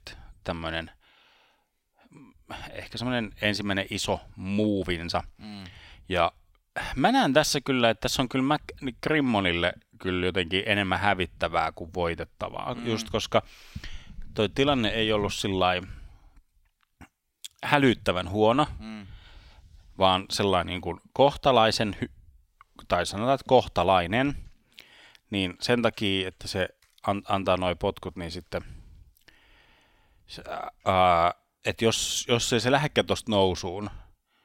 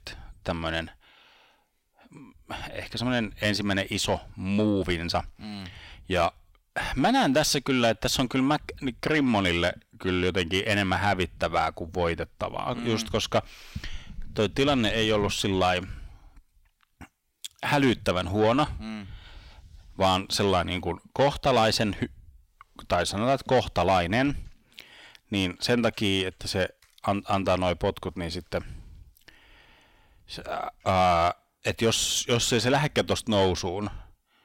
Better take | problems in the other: first | distortion; slight; 10 dB below the speech

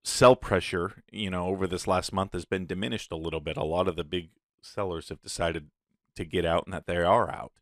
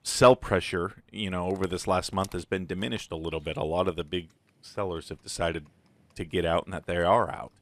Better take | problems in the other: first | animal sounds; faint; throughout; 25 dB below the speech

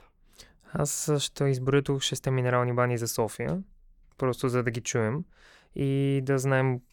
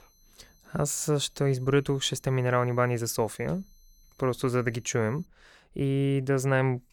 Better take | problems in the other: first | high-pitched whine; faint; until 5.5 s; 6 kHz, 35 dB below the speech

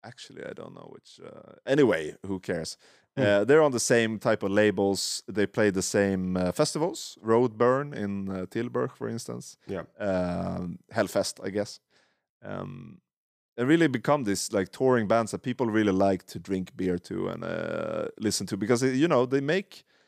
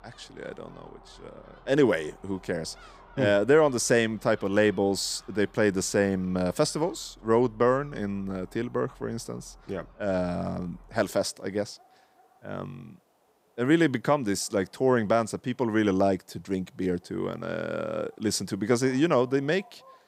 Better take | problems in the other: first | animal sounds; faint; throughout; 30 dB below the speech

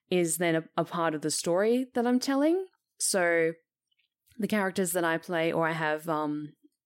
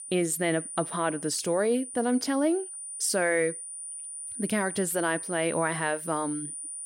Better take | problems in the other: first | high-pitched whine; loud; throughout; 9.5 kHz, 8 dB below the speech

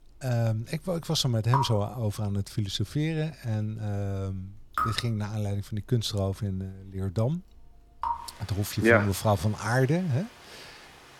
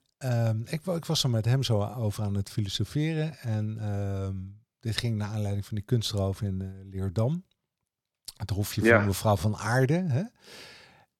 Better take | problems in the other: second | rain or running water; loud; throughout; 8 dB below the speech

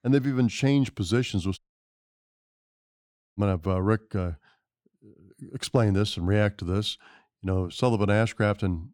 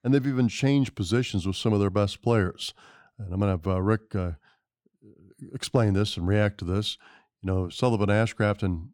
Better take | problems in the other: second | audio cutting out; at 1.5 s for 2 s

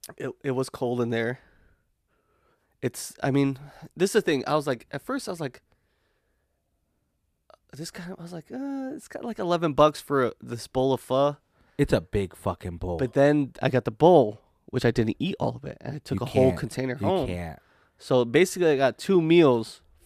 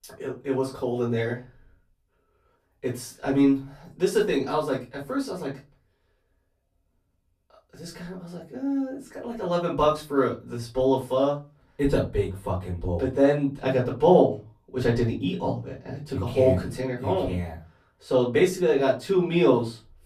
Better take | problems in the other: first | off-mic speech; far // room echo; very slight; dies away in 0.2 s

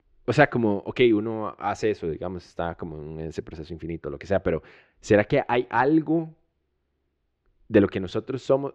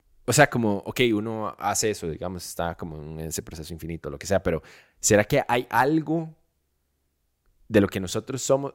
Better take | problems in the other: second | muffled; very; fading above 3.5 kHz

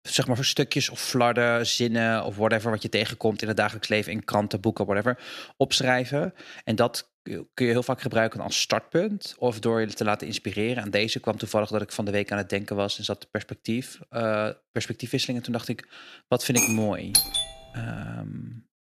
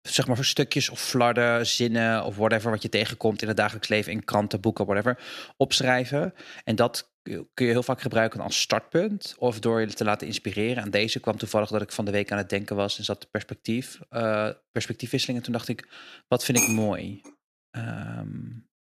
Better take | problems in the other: second | doorbell; loud; at 17 s; peak 5 dB above the speech

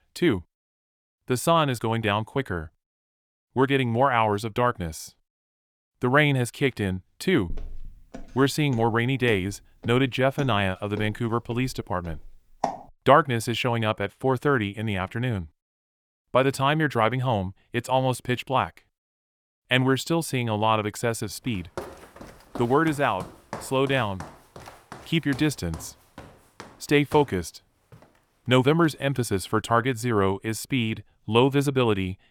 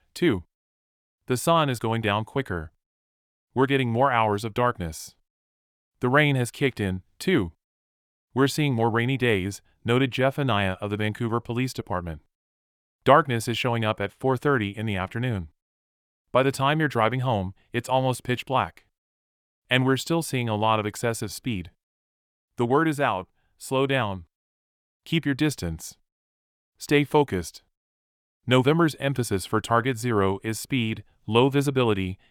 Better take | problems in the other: second | footsteps; noticeable; from 7.5 to 13 s; peak 7 dB below the speech // footsteps; faint; from 22 to 29 s; peak 15 dB below the speech

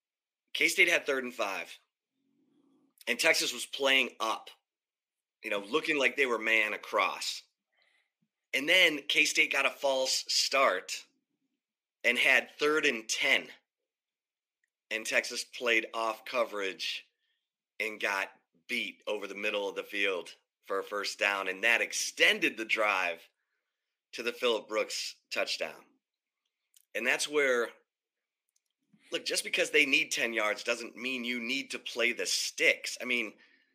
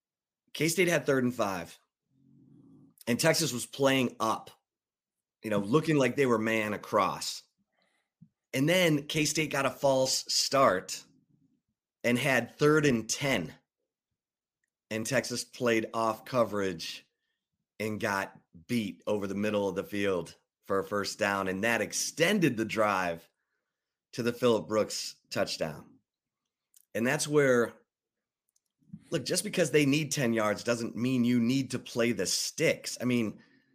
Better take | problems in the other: second | thin; somewhat; fading below 350 Hz

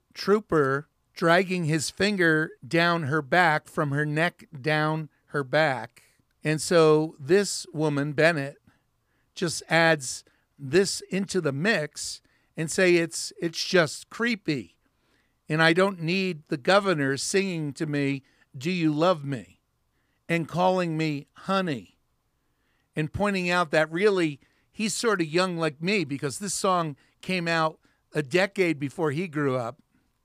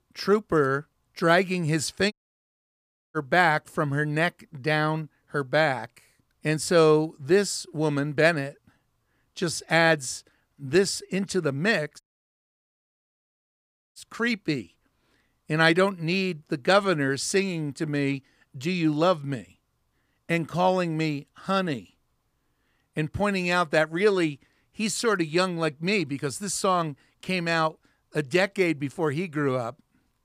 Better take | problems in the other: first | audio cutting out; at 2 s for 1 s and at 12 s for 2 s

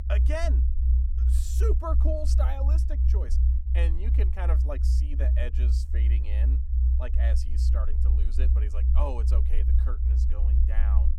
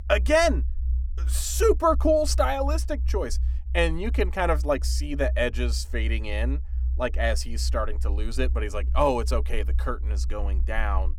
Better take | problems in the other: second | low rumble; loud; throughout; 5 dB below the speech; faint in the second

